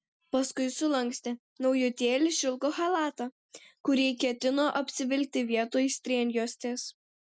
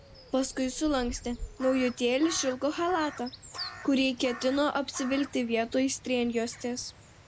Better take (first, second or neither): first